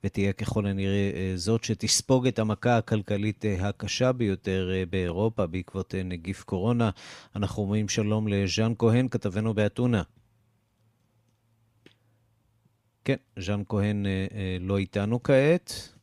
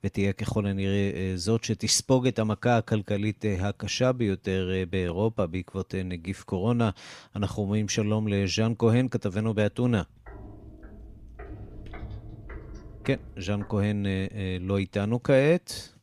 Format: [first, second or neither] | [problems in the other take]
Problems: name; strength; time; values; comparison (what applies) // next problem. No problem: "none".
first | footsteps; faint; from 10 to 14 s; peak 15 dB below the speech